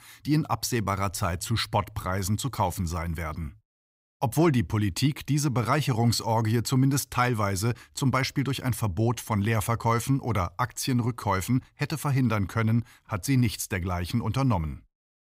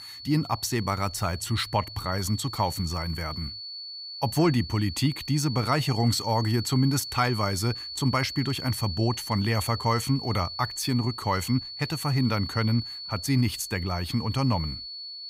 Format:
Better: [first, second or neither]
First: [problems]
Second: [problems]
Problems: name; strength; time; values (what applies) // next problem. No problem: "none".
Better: first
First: none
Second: high-pitched whine; loud; throughout; 4.5 kHz, 8 dB below the speech